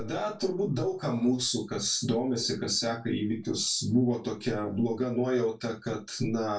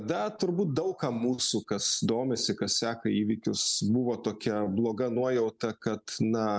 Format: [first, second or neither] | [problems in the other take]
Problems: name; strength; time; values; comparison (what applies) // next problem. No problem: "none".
second | room echo; dies away in 0.2 s